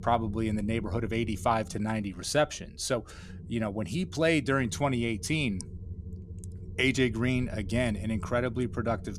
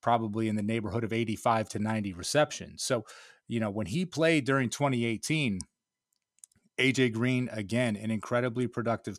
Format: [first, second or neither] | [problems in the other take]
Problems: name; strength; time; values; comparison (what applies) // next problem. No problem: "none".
second | low rumble; faint; throughout; 25 dB below the speech